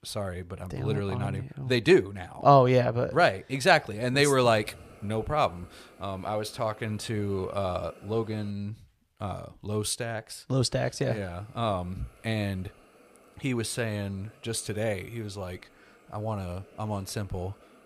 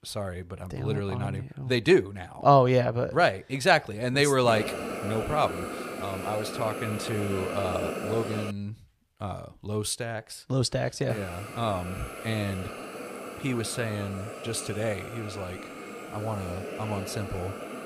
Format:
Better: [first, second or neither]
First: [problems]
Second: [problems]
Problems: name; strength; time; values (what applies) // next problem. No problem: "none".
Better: first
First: hiss; faint; from 4.5 to 8.5 s and from 11 s on; 25 dB below the speech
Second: hiss; loud; from 4.5 to 8.5 s and from 11 s on; 8 dB below the speech